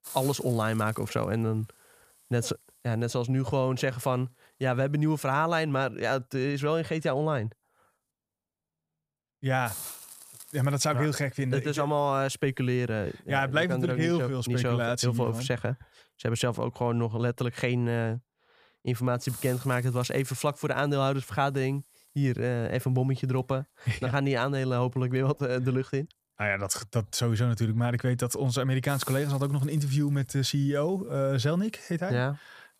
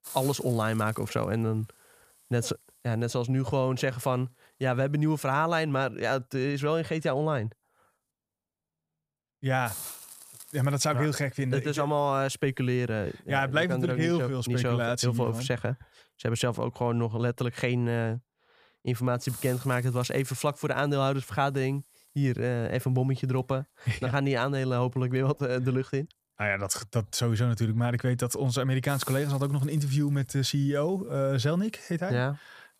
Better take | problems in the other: neither | hiss; noticeable; throughout; 15 dB below the speech; the same in both

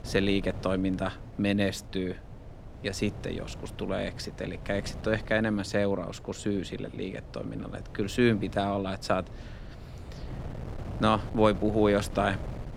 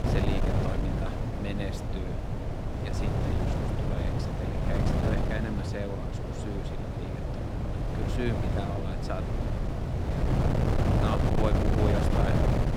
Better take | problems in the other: first | wind noise on the microphone; heavy; 4 dB above the speech; occasional gusts in the first

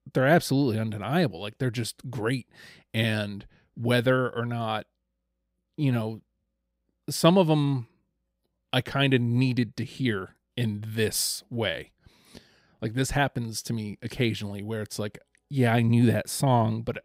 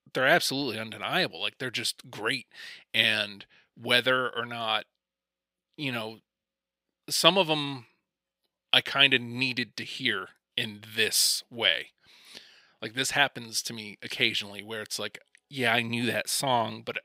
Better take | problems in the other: first | thin; somewhat; fading below 750 Hz

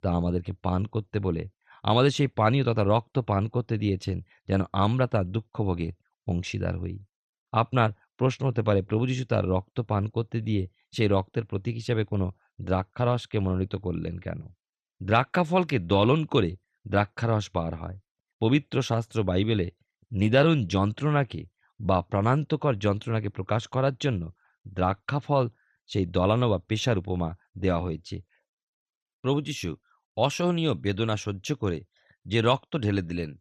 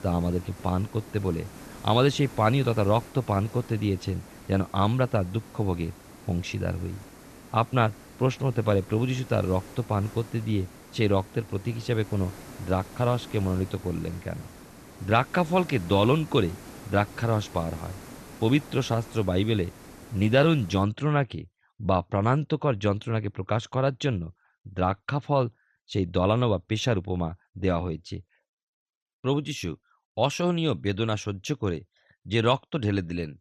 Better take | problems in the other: first | hiss; noticeable; until 21 s; 20 dB below the speech

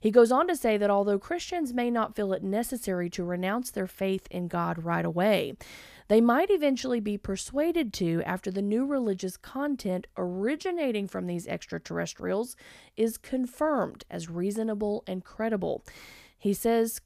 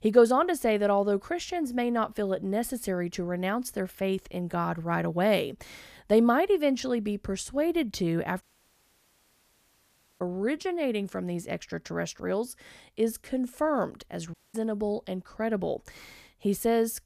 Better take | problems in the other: first | audio cutting out; at 8.5 s for 2 s and at 14 s

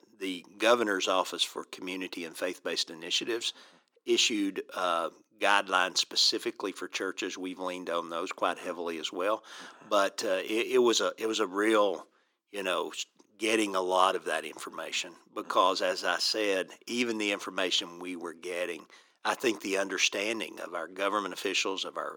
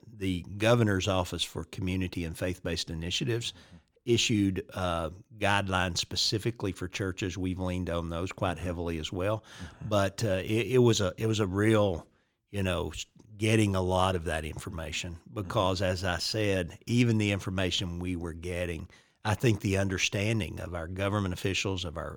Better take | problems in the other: second | thin; somewhat; fading below 300 Hz

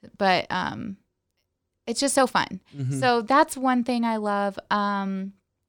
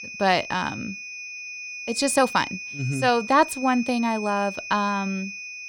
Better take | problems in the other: first | high-pitched whine; loud; throughout; 2.5 kHz, 10 dB below the speech

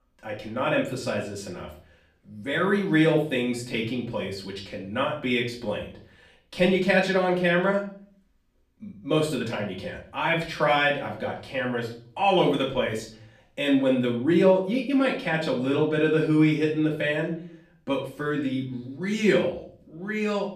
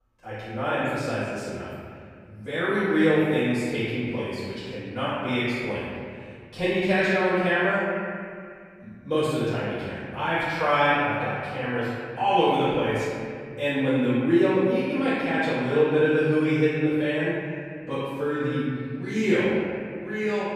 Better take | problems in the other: first | room echo; strong; dies away in 2.3 s; slight in the first // off-mic speech; far; far in the first

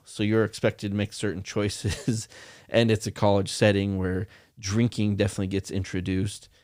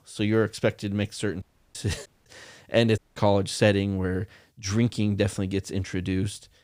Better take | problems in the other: first | audio cutting out; at 1.5 s, at 2 s and at 3 s

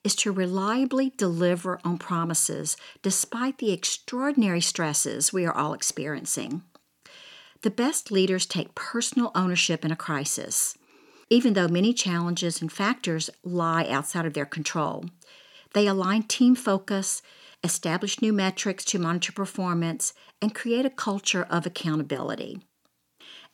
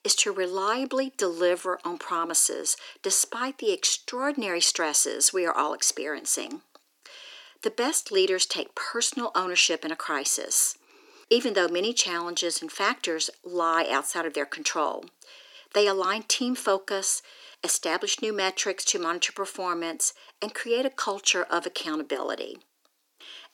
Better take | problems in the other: first | thin; somewhat; fading below 350 Hz

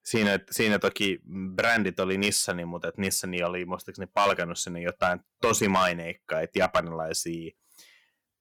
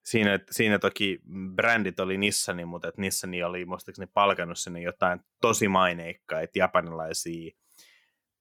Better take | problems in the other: second | distortion; slight; 2% of the sound clipped

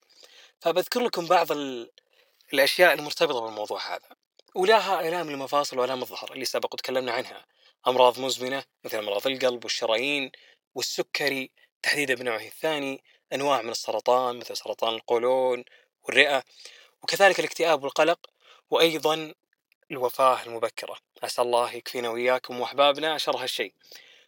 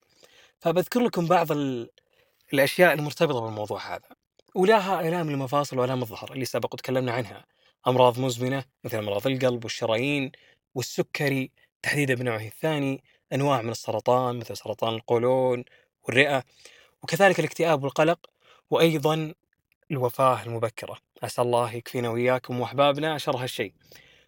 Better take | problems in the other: second | thin; somewhat; fading below 400 Hz

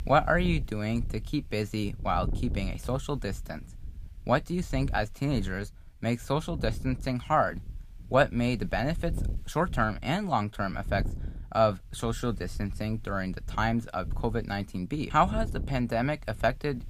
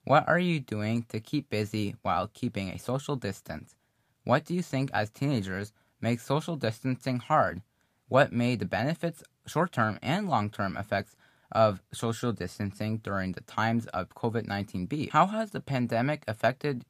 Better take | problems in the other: second | wind noise on the microphone; occasional gusts; 25 dB below the speech

